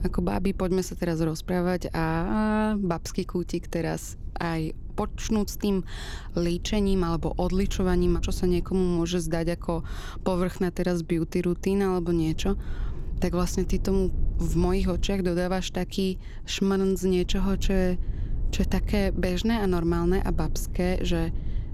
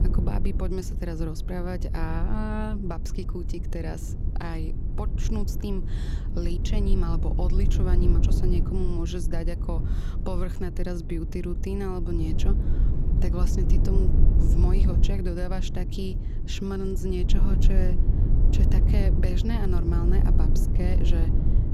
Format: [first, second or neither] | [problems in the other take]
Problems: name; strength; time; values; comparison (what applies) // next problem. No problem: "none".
first | low rumble; loud; throughout; 4 dB below the speech; faint in the first